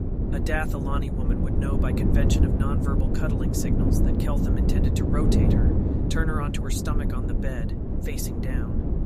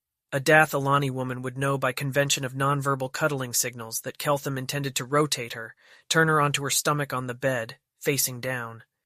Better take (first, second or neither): second